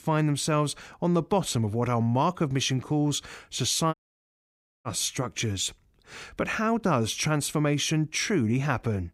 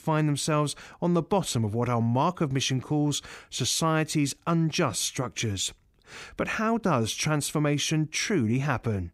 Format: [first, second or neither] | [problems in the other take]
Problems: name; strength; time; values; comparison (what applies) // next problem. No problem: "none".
second | audio cutting out; at 4 s for 1 s